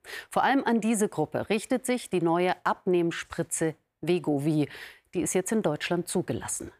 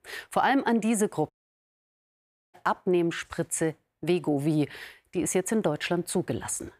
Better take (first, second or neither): first